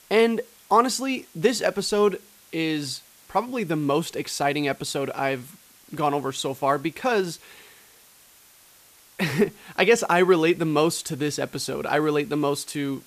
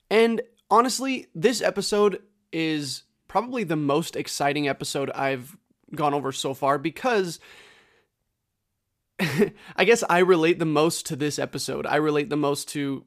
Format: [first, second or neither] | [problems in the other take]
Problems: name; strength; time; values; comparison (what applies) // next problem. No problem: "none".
second | hiss; faint; throughout; 25 dB below the speech